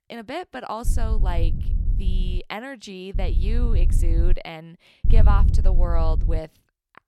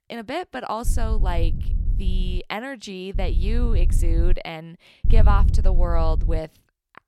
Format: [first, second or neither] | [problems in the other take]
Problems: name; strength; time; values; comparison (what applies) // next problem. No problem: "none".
second | wind noise on the microphone; heavy; from 1 to 2.5 s, from 3 to 4.5 s and from 5 to 6.5 s; 10 dB below the speech; occasional gusts in the second